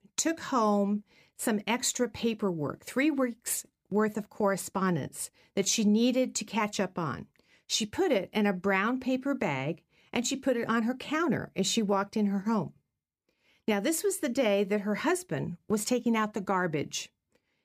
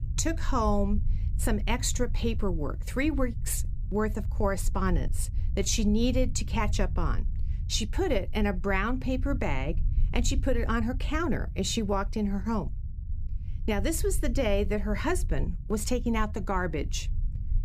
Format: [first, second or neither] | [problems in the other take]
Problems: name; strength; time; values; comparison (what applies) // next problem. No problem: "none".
first | low rumble; faint; throughout; 20 dB below the speech